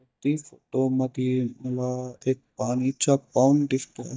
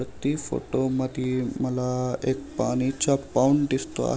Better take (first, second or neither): second